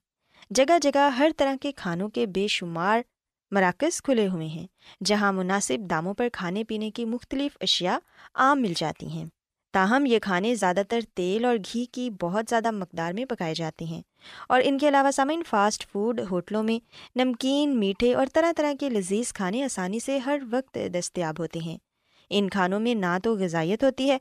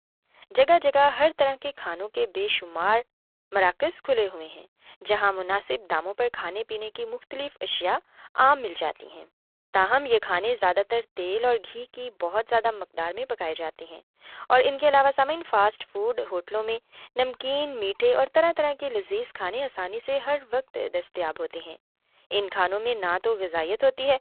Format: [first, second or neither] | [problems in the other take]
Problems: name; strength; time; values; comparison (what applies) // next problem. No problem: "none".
first | phone-call audio; poor line